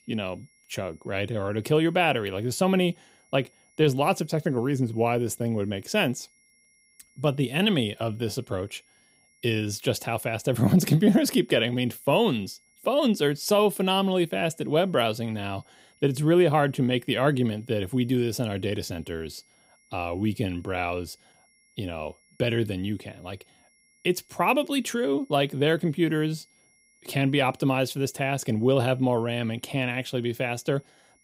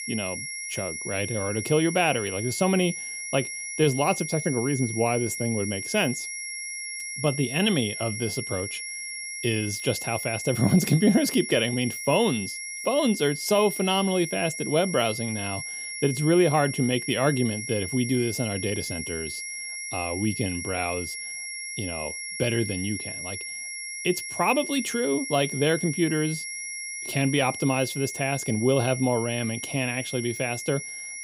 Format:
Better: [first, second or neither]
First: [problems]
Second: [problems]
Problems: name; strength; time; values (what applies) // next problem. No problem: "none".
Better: first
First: high-pitched whine; faint; throughout; 2 kHz, 35 dB below the speech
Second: high-pitched whine; loud; throughout; 2 kHz, 6 dB below the speech